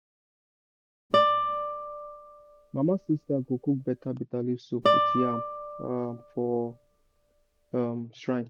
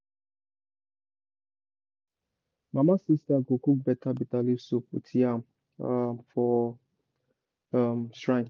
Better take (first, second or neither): second